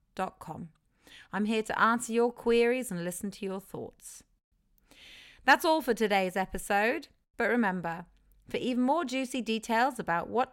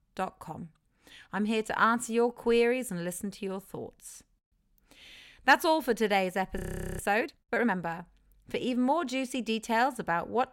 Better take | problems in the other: first | audio freezing; at 6.5 s

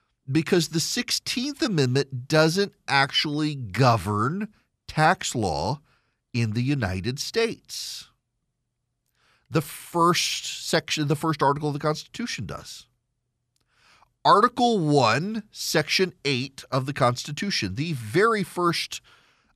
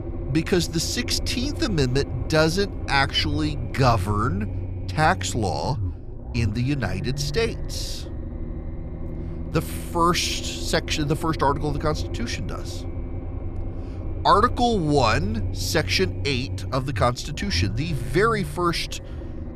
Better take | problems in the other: first | low rumble; noticeable; throughout; 15 dB below the speech

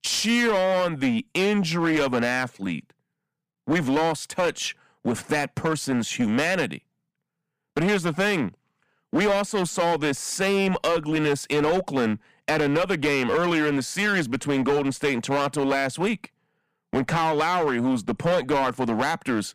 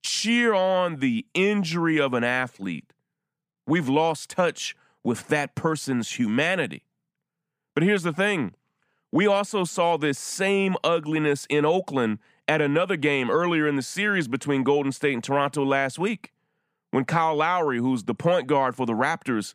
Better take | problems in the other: second | distortion; slight; 15% of the sound clipped

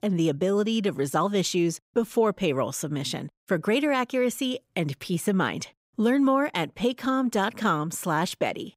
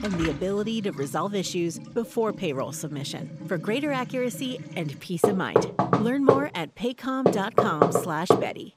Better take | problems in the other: first | household noises; very loud; throughout; 4 dB above the speech

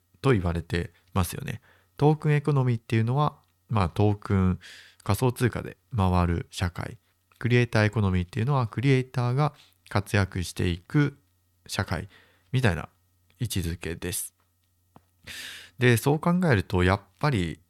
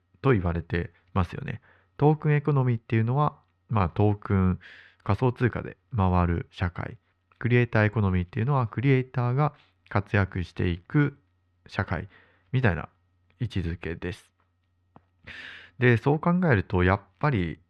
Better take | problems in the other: first | muffled; slightly; fading above 2 kHz

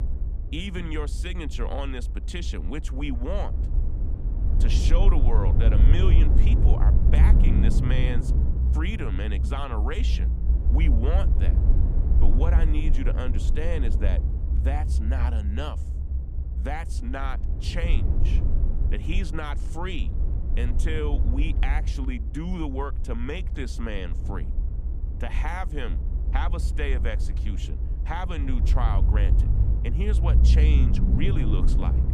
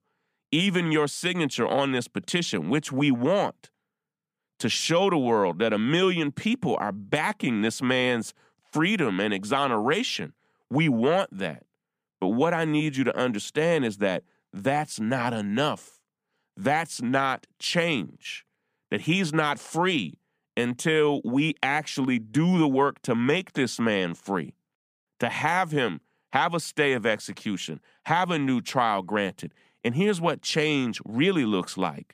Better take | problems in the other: second | low rumble; loud; throughout; 6 dB below the speech

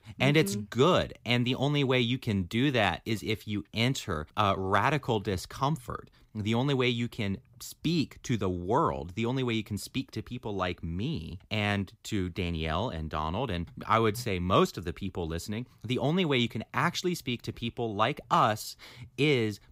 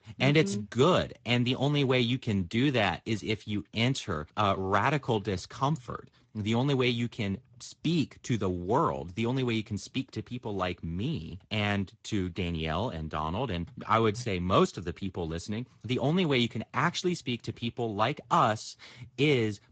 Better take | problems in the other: first | garbled, watery; slightly; nothing above 8 kHz

